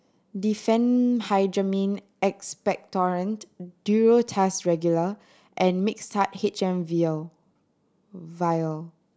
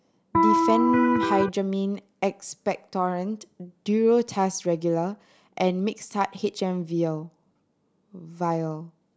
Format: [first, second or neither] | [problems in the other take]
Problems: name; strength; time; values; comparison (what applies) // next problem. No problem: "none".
first | background sound (Electric guitar); 5 dB above the speech